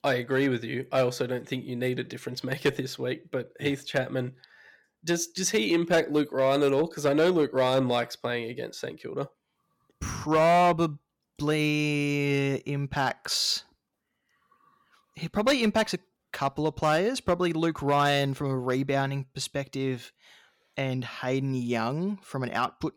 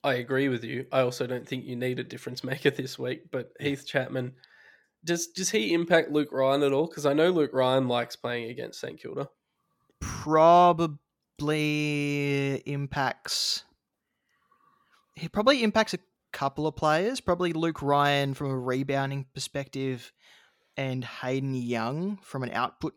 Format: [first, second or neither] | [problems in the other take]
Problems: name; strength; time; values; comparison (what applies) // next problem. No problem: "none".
second | distortion; slight; 2% of the sound clipped